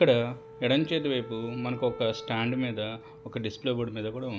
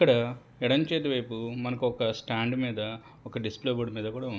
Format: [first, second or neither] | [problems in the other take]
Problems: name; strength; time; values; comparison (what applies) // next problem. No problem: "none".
second | background sound (Wind instrument, woodwind instrument); 17 dB below the speech